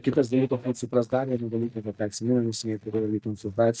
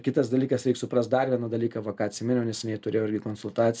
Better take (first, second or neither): second